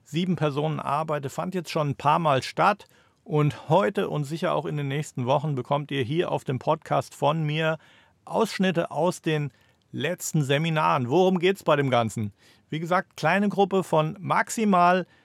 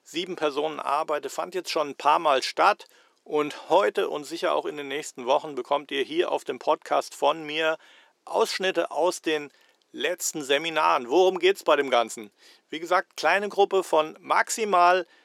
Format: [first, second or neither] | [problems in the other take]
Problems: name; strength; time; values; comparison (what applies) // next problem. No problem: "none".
first | thin; very; fading below 350 Hz